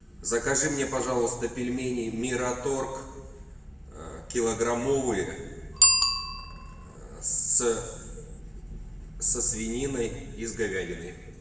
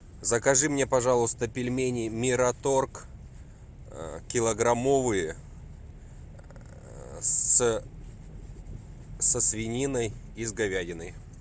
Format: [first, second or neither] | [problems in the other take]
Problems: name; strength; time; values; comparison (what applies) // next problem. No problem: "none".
second | background sound (Bicycle bell); 4 dB below the speech // room echo; dies away in 1.3 s